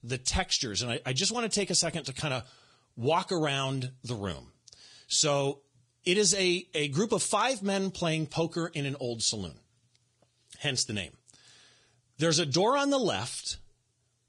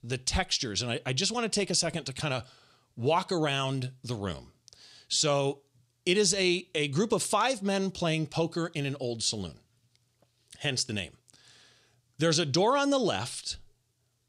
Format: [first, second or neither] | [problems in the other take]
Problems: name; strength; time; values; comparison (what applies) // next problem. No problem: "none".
second | garbled, watery; badly